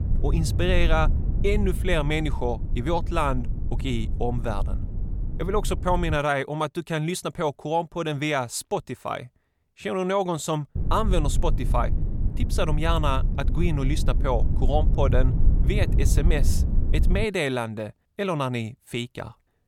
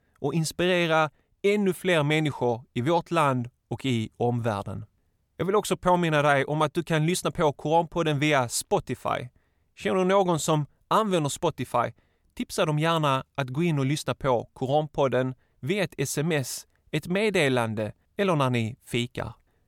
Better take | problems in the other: second | low rumble; noticeable; until 6 s and from 11 to 17 s; 15 dB below the speech

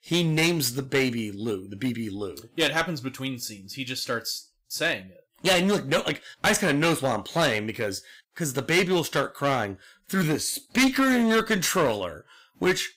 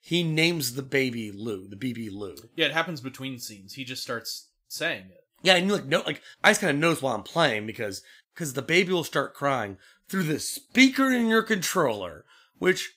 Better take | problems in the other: second | distortion; heavy; 7% of the sound clipped

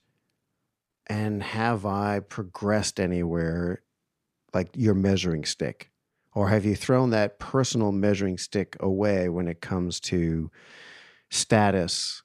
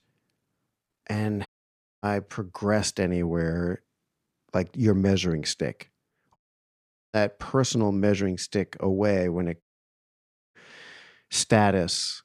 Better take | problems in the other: first | audio cutting out; at 1.5 s for 0.5 s, at 6.5 s for 1 s and at 9.5 s for 1 s

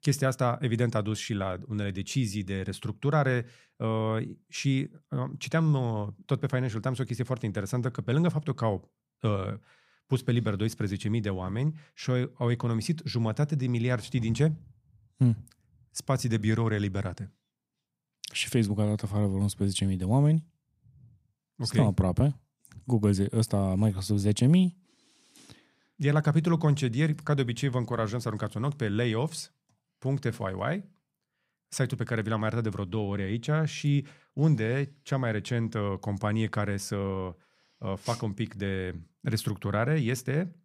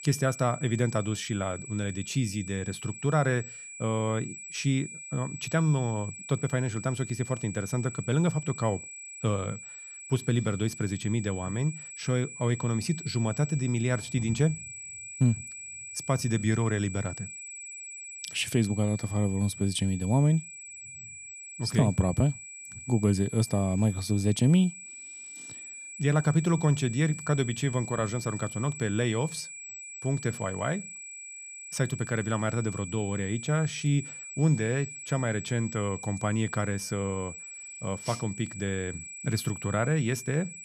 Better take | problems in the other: first | high-pitched whine; noticeable; throughout; 8 kHz, 10 dB below the speech

